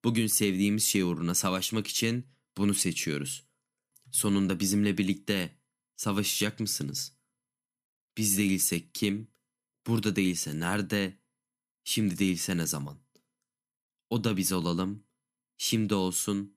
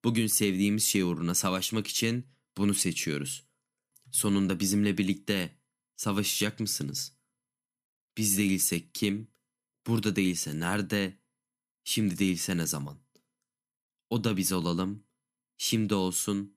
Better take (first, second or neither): neither